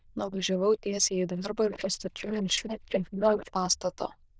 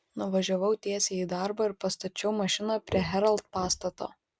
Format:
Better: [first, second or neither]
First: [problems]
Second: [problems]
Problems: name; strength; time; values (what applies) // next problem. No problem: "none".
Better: second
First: noise reduction (neural diffusion model UNIVERSE++)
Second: none